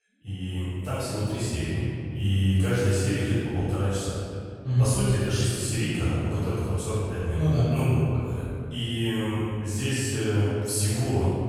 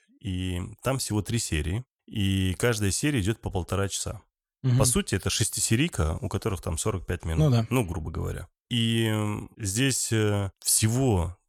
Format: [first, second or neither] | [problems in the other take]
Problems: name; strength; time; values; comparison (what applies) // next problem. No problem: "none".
second | off-mic speech; far // room echo; strong; dies away in 2.3 s